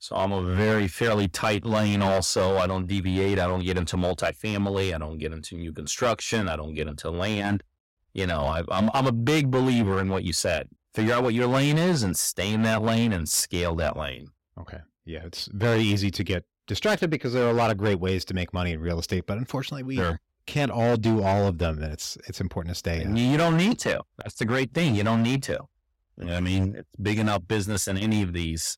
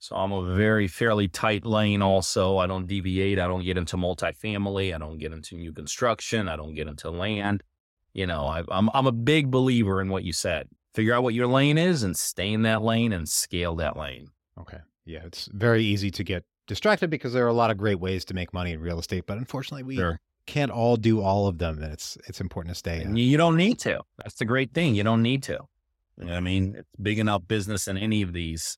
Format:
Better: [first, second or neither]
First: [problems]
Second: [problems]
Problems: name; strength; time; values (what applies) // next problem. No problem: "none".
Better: second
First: distortion; slight; 8% of the sound clipped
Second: none